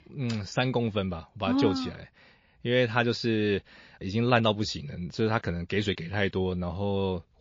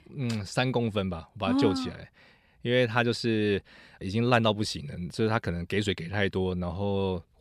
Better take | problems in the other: second | garbled, watery; slightly

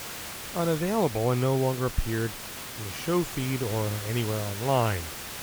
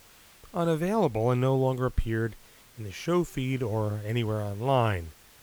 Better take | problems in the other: second | hiss; loud; throughout; 7 dB below the speech; faint in the second

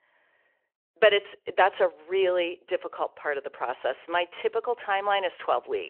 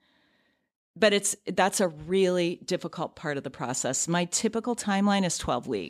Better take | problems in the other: second | phone-call audio

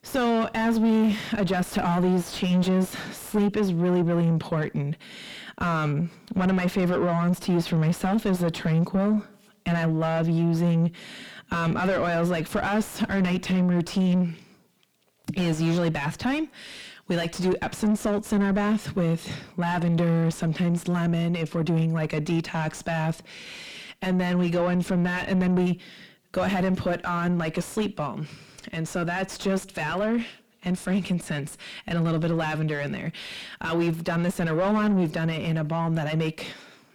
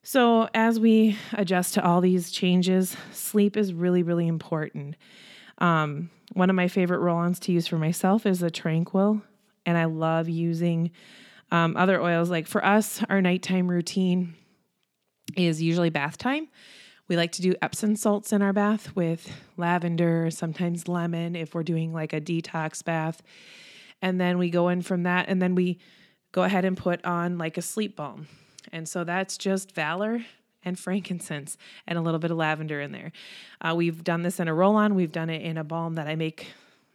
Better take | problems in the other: second | distortion; heavy; 5 dB below the speech

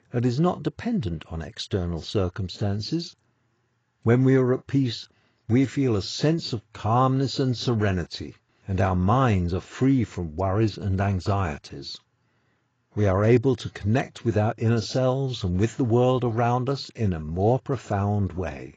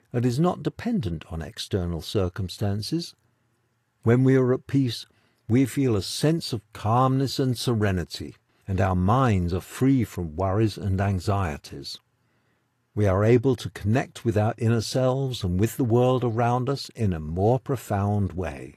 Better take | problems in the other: second | garbled, watery; badly; nothing above 7.5 kHz; slightly in the second

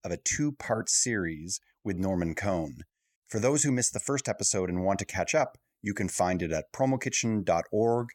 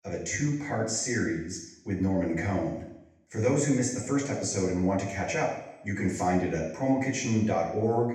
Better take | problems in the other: first | room echo; noticeable; dies away in 0.8 s // off-mic speech; far

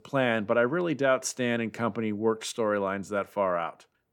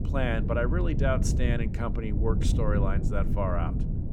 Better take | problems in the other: first | wind noise on the microphone; heavy; 8 dB below the speech

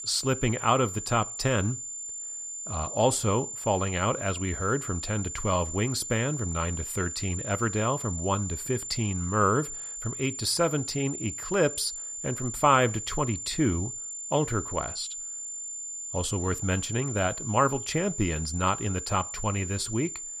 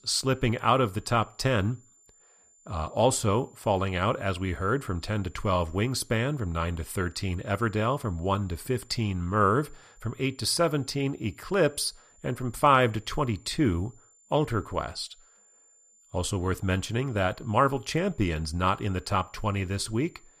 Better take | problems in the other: second | high-pitched whine; loud; throughout; 7 kHz, 6 dB below the speech; faint in the second

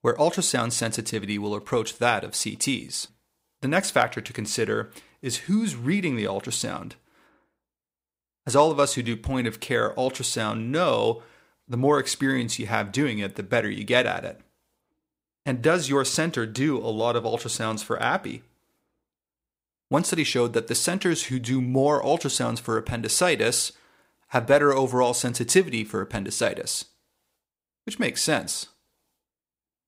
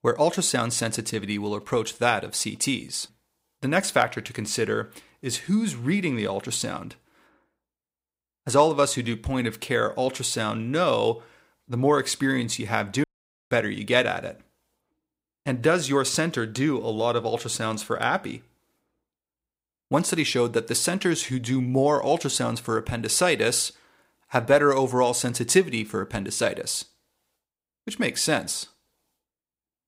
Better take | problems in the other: first | audio cutting out; at 13 s

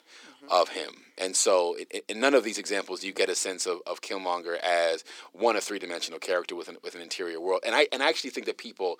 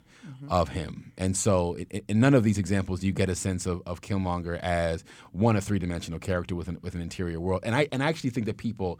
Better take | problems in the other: second | thin; very; fading below 350 Hz

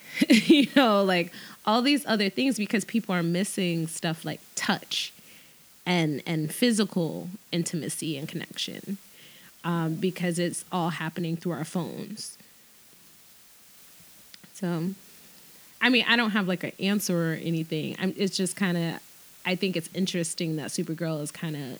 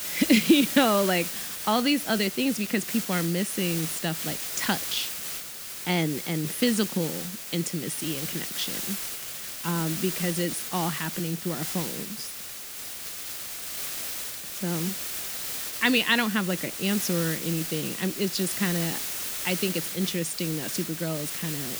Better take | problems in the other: first | hiss; loud; throughout; 4 dB below the speech; faint in the first

